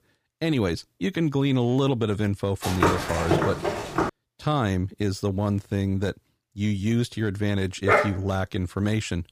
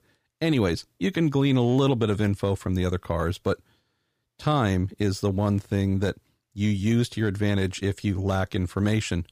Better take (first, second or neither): second